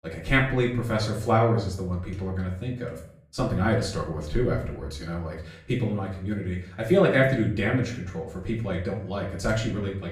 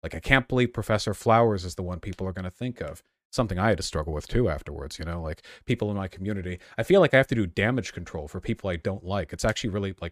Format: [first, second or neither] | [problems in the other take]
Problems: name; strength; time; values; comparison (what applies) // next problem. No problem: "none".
second | off-mic speech; far // room echo; slight; dies away in 0.6 s